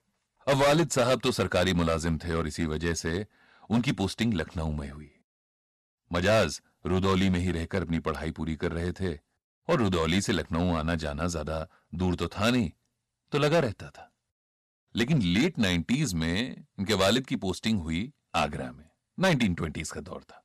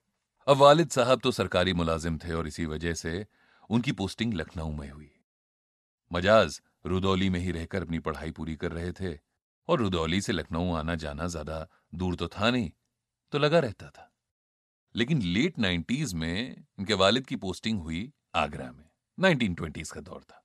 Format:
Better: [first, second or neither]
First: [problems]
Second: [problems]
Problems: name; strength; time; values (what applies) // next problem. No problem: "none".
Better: second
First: distortion; heavy; 5% of the sound clipped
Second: none